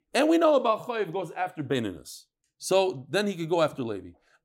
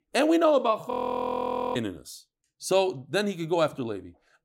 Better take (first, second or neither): first